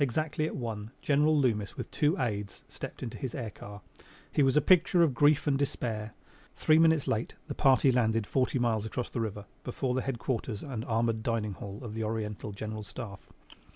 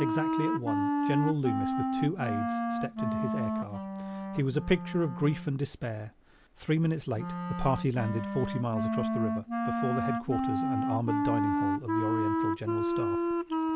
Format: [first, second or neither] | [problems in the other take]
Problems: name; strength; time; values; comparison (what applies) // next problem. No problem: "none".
first | background sound (Wind instrument, woodwind instrument); 1 dB above the speech